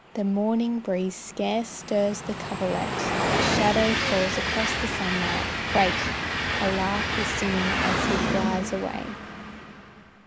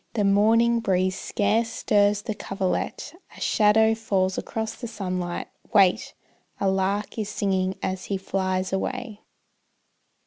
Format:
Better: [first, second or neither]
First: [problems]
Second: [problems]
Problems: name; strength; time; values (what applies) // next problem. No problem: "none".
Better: second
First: background sound (Train); as loud as the speech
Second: none